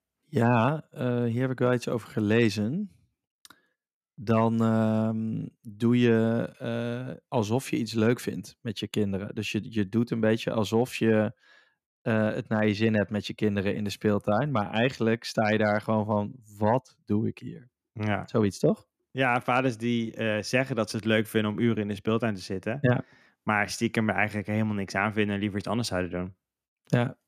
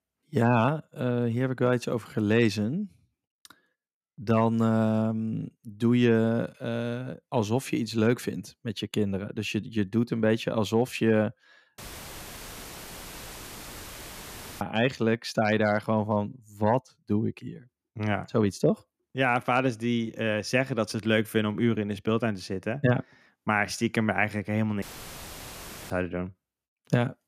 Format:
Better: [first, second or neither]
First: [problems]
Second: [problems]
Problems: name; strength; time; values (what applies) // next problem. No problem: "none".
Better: first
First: none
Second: audio cutting out; filled with static; at 12 s for 3 s and at 25 s for 1 s